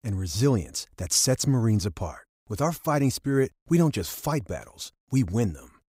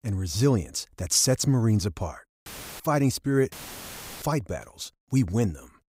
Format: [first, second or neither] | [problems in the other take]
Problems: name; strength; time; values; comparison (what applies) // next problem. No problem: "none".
first | audio cutting out; filled with static; at 2.5 s and at 3.5 s for 0.5 s